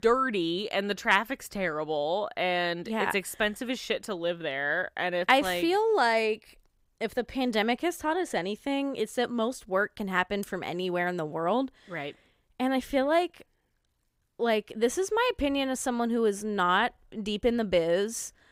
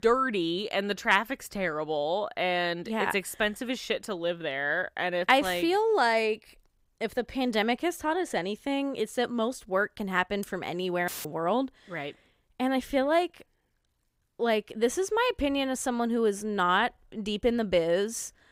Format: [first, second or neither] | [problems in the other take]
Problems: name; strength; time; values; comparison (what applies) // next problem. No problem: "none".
first | audio cutting out; filled with static; at 11 s